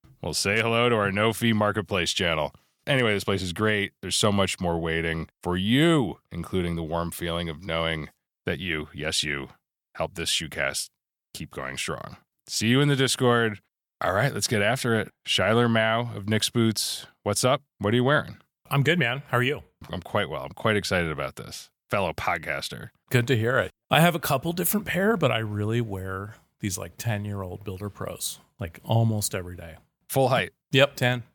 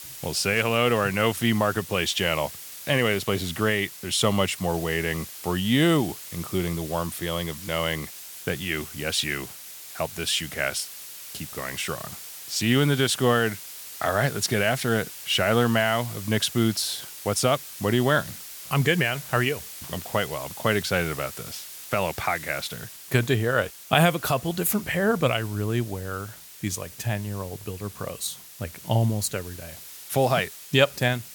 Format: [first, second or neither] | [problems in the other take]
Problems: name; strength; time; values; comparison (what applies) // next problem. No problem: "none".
first | hiss; noticeable; throughout; 15 dB below the speech